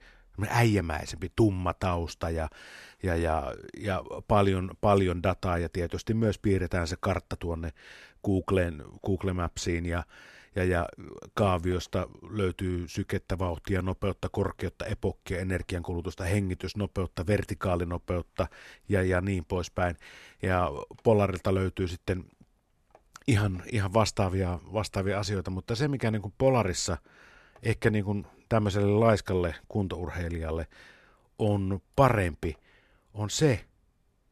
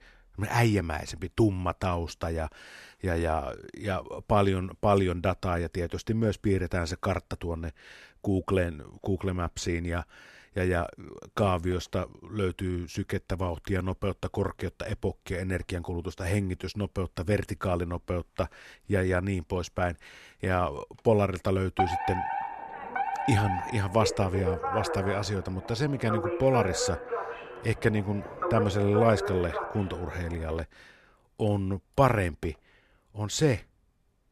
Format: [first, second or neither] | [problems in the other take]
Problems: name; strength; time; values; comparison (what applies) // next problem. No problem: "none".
first | alarm; loud; from 22 to 31 s; peak 1 dB above the speech